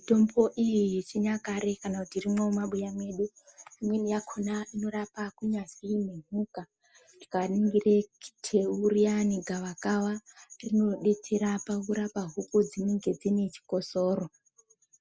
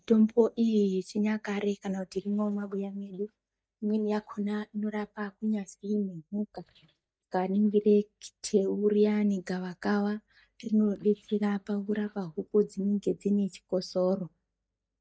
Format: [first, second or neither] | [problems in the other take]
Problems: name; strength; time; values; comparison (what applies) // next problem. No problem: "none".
first | noise reduction (neural mask model DeepFilterNet 3)